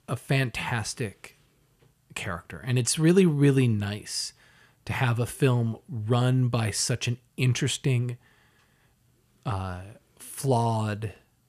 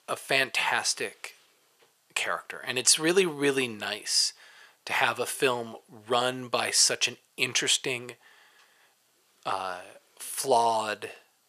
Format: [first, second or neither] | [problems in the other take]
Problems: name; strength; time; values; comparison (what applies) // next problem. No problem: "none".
first | thin; very; fading below 600 Hz